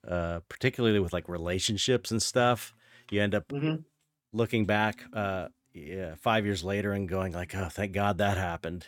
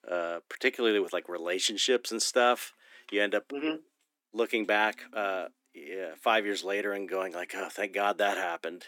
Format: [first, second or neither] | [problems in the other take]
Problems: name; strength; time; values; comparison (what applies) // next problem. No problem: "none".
first | thin; somewhat; fading below 250 Hz